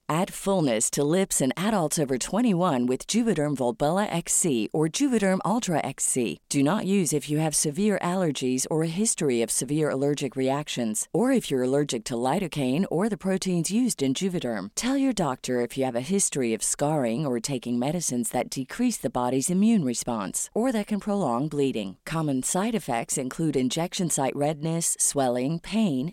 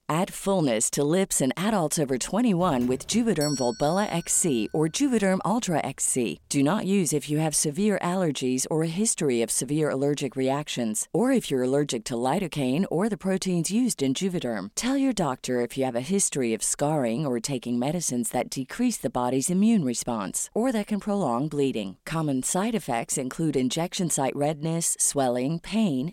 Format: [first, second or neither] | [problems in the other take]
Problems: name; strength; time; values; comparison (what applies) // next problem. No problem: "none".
first | doorbell; noticeable; from 2.5 to 4 s; peak 7 dB below the speech